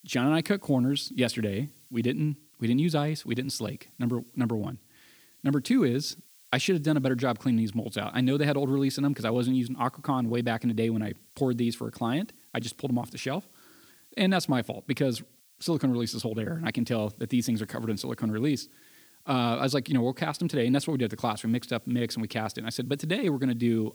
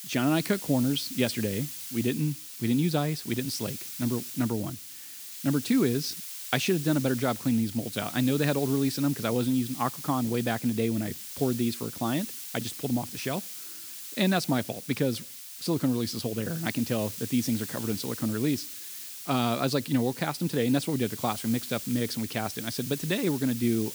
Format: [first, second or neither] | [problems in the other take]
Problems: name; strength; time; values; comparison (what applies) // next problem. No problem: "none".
first | hiss; loud; throughout; 8 dB below the speech; faint in the first